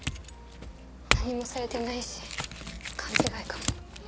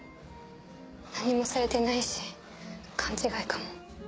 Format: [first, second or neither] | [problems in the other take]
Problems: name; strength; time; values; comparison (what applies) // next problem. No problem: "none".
second | background sound (Chink, clink / Domestic sounds, home sounds); 4 dB above the speech